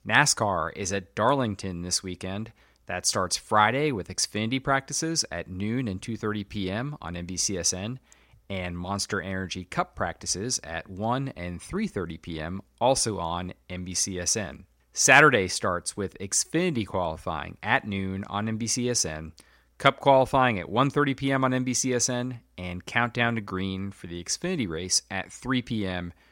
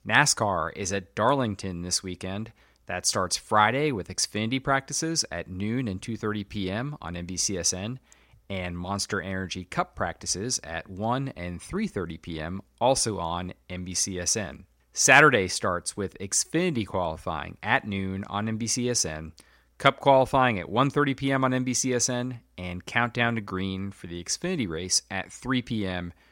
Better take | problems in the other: neither | none

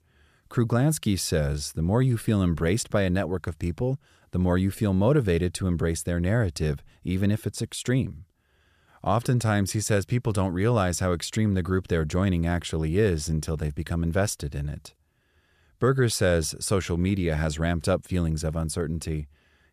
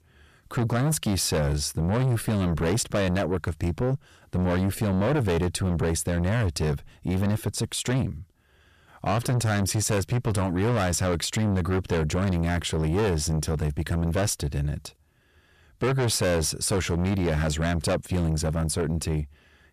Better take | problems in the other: first | distortion; heavy; 7 dB below the speech

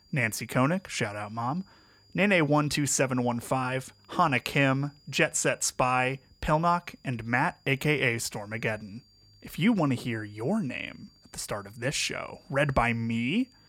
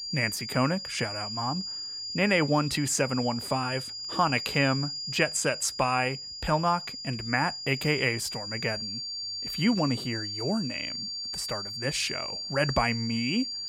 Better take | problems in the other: first | high-pitched whine; loud; throughout; 4.5 kHz, 5 dB below the speech; faint in the first

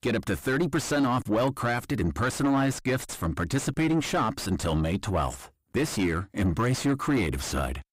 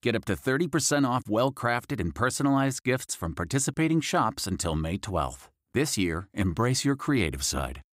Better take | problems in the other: second | distortion; heavy; 6 dB below the speech

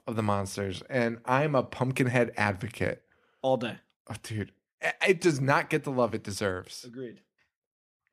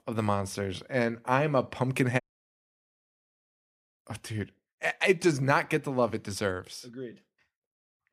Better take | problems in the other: first | audio cutting out; at 2 s for 2 s

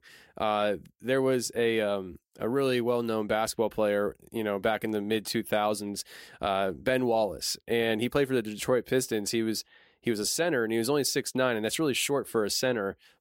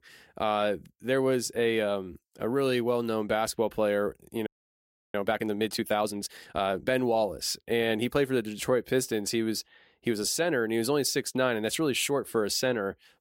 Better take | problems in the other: first | audio freezing; at 4.5 s for 0.5 s

